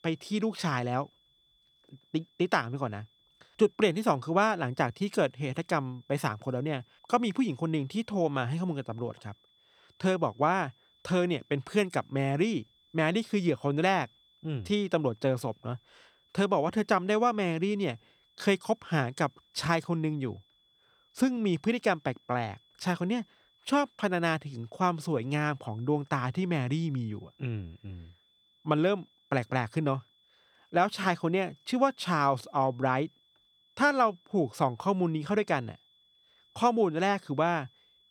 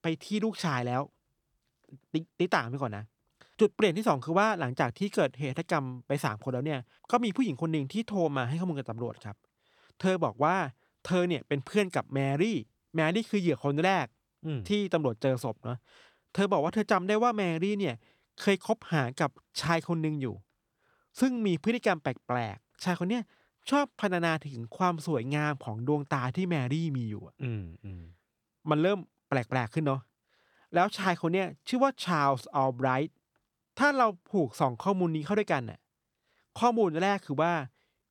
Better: second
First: high-pitched whine; faint; throughout; 3.5 kHz, 35 dB below the speech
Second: none

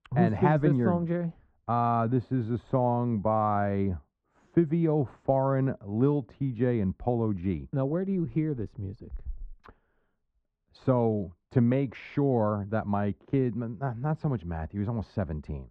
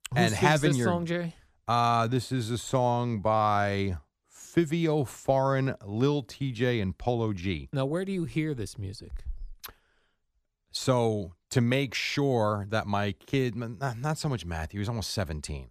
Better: second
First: muffled; very; fading above 1 kHz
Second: none

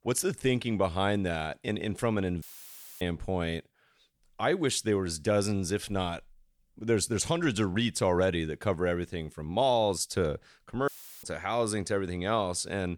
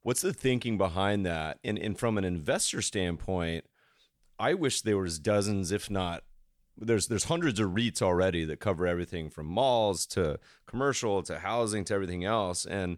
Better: second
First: audio cutting out; filled with static; at 2.5 s for 0.5 s and at 11 s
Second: none

